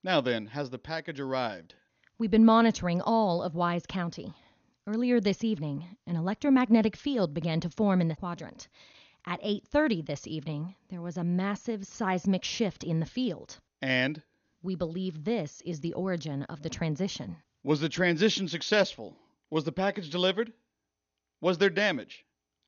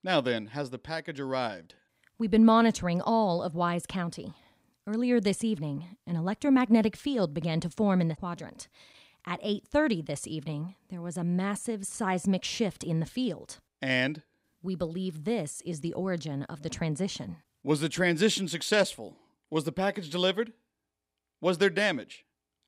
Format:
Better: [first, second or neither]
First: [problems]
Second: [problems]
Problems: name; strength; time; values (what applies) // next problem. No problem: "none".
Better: second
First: garbled, watery; slightly; nothing above 6.5 kHz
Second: none